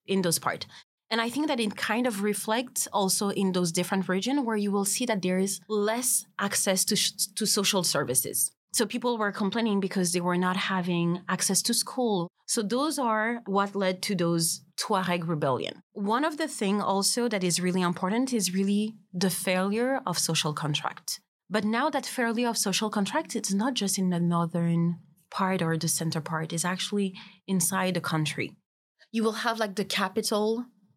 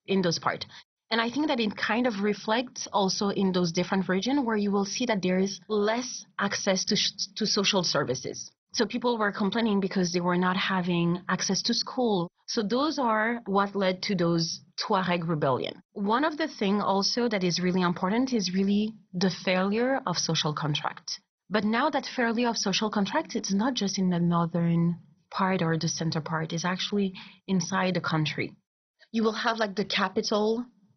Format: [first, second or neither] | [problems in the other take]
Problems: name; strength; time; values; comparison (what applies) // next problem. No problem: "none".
first | garbled, watery; badly; nothing above 6 kHz